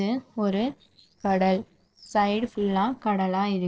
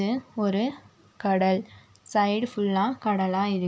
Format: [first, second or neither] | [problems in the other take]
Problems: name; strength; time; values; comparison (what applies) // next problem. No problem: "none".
second | noise reduction (neural separator model SepFormer DNS4)